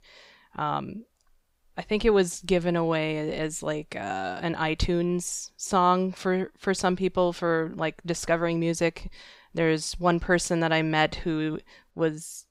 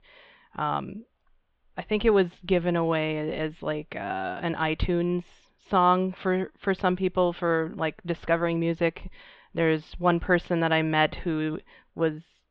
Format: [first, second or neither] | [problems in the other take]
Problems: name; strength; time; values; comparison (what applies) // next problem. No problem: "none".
first | muffled; very; fading above 3.5 kHz